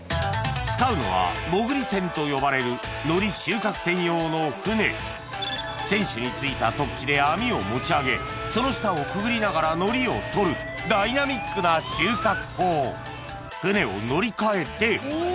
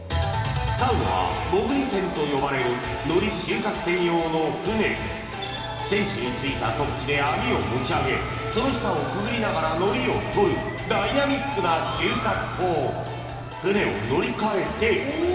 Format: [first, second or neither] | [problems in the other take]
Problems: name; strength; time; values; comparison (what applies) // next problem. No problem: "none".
first | room echo; dies away in 2.3 s